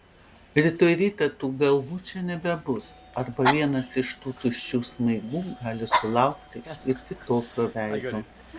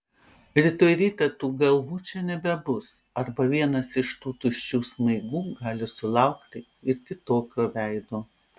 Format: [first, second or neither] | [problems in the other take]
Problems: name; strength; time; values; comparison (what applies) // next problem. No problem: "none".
second | background sound (Dog); 9 dB below the speech